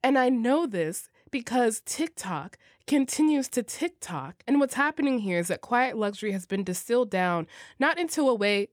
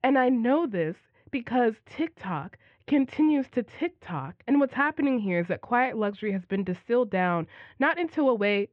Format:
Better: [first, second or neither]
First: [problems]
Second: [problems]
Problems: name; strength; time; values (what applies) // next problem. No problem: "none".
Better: first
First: none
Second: muffled; very; fading above 3 kHz